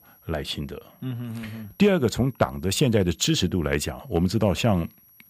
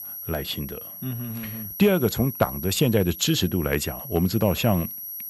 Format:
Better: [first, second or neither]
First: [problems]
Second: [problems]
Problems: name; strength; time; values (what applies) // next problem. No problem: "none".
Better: first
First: high-pitched whine; faint; throughout; 11.5 kHz, 30 dB below the speech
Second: high-pitched whine; loud; throughout; 11.5 kHz, 10 dB below the speech